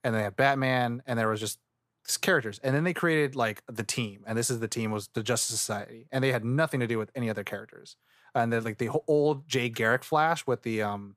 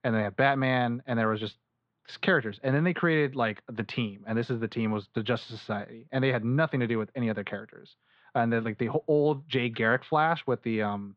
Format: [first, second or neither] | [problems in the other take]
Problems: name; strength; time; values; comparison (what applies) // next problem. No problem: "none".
first | muffled; very; fading above 3.5 kHz